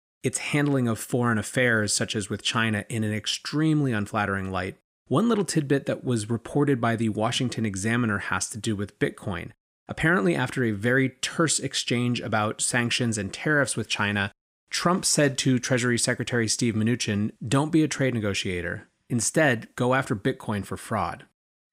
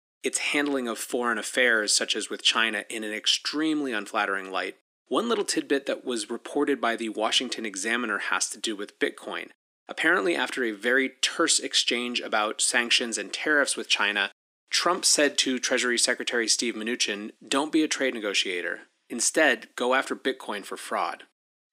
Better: first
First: none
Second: thin; somewhat; fading below 300 Hz

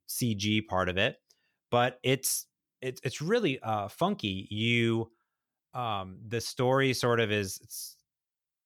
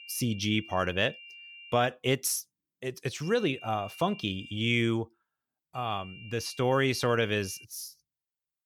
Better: first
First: none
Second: high-pitched whine; noticeable; until 2 s, from 3 to 4.5 s and from 6 to 7.5 s; 3 kHz, 15 dB below the speech

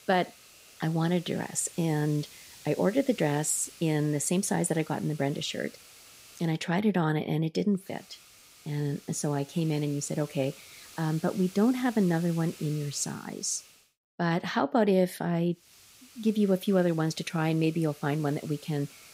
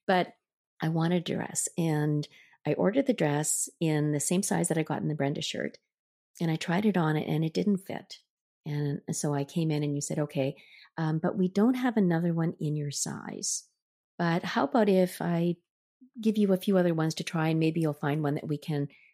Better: second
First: hiss; faint; until 6.5 s, from 8 to 14 s and from 16 s on; 20 dB below the speech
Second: none

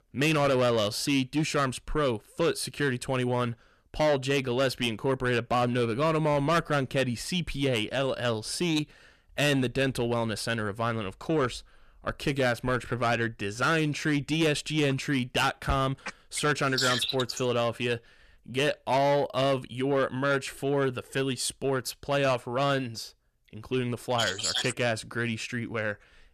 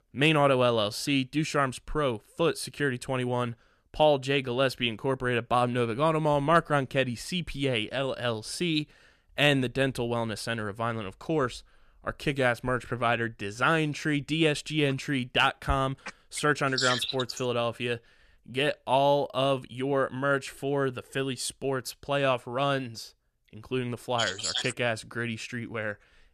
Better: second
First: distortion; slight; 10 dB below the speech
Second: none

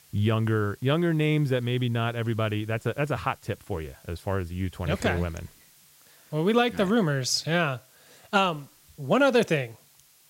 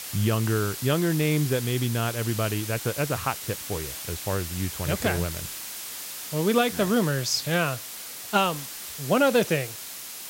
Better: first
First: hiss; faint; throughout; 30 dB below the speech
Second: hiss; loud; throughout; 8 dB below the speech

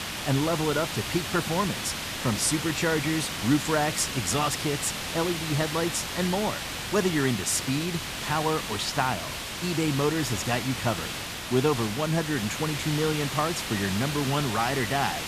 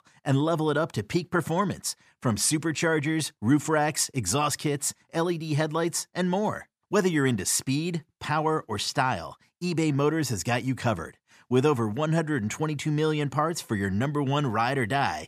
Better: second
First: hiss; loud; throughout; 4 dB below the speech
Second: none

